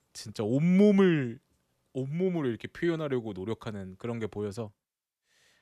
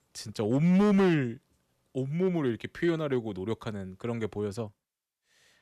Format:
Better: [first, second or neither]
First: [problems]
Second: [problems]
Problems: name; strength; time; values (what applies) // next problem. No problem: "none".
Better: first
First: none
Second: distortion; slight; 3% of the sound clipped